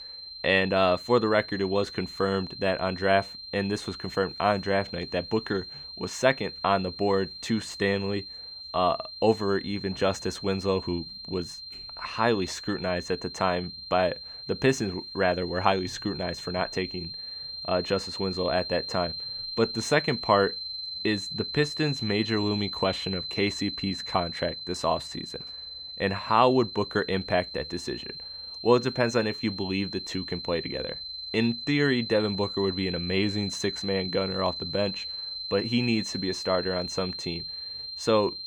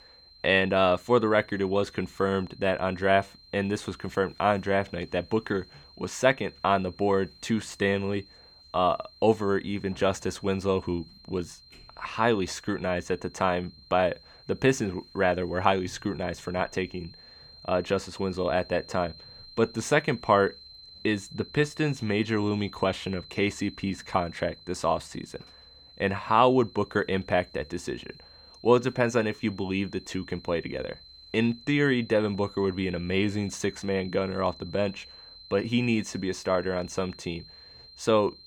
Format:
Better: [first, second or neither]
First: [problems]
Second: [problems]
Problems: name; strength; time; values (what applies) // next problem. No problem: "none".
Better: second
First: high-pitched whine; loud; throughout; 4 kHz, 8 dB below the speech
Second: high-pitched whine; faint; throughout; 4 kHz, 20 dB below the speech